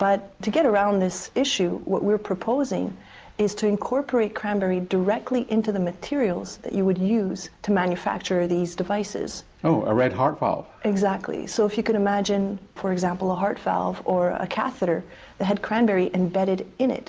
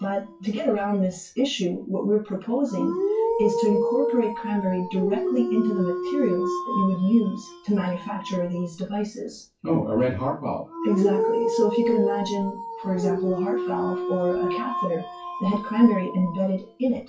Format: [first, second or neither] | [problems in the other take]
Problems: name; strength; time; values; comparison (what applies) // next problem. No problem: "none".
first | noise reduction (classical method WPE with log-MMSE)